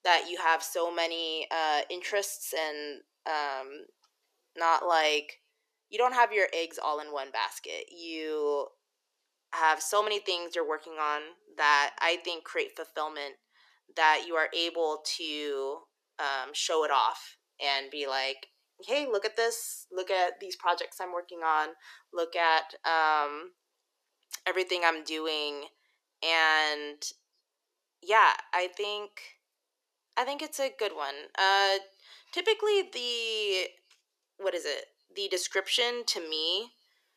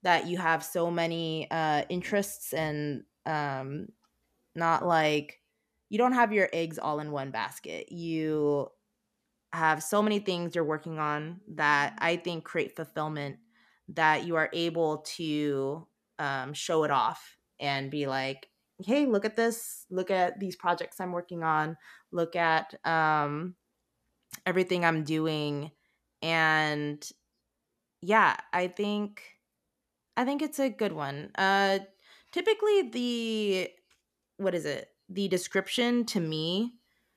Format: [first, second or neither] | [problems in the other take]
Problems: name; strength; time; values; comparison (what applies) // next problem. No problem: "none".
second | thin; very; fading below 350 Hz